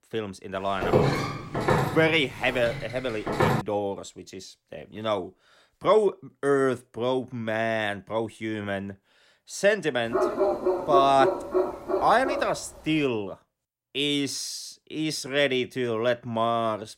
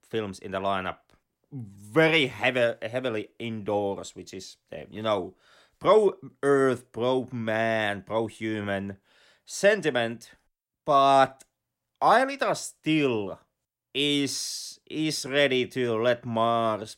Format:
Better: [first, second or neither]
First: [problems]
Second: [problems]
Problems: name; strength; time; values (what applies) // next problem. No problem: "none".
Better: second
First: footsteps; loud; from 1 to 3.5 s; peak 3 dB above the speech // dog barking; loud; from 10 to 13 s; peak 2 dB above the speech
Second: none